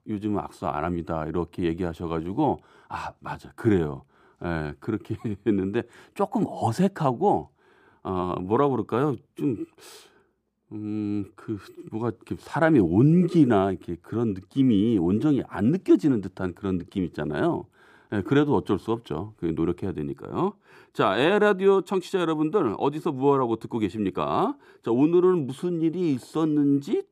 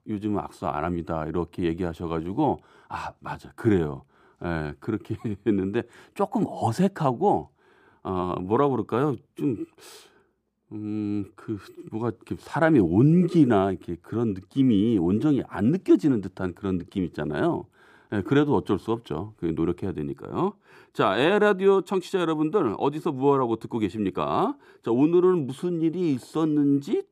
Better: neither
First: muffled; slightly; fading above 1.5 kHz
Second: muffled; slightly; fading above 1.5 kHz

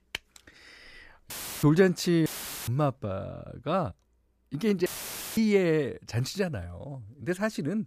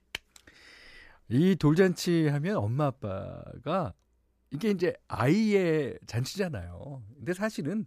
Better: second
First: audio cutting out; filled with static; at 1.5 s, at 2.5 s and at 5 s for 0.5 s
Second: none

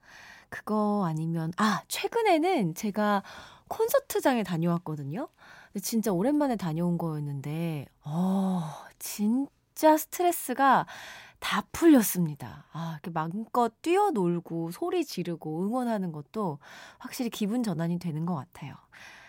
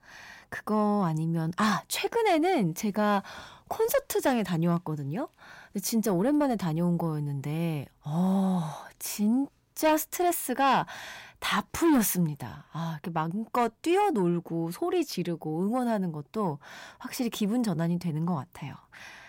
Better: first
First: none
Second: distortion; slight; 10 dB below the speech

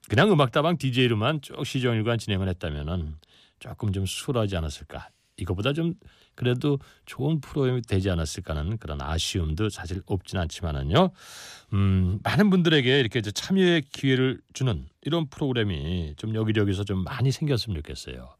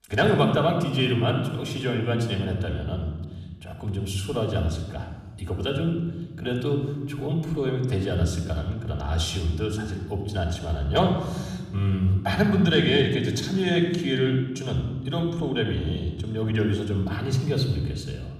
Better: first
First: none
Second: off-mic speech; far // room echo; noticeable; dies away in 1.3 s

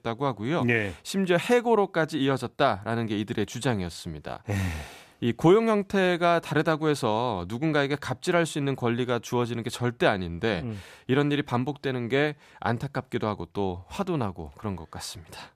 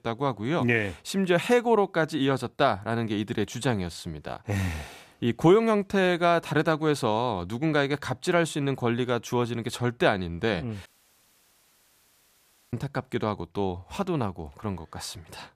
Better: first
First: none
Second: audio cutting out; at 11 s for 2 s

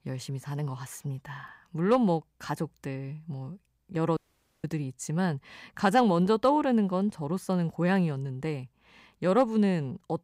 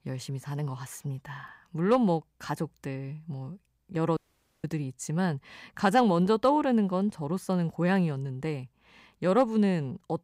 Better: neither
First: audio cutting out; at 4 s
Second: audio cutting out; at 4 s

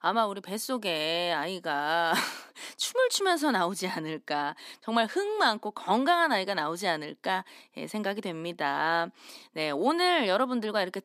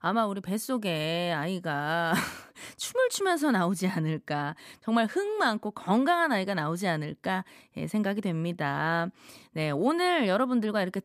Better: second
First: thin; very slightly; fading below 250 Hz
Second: none

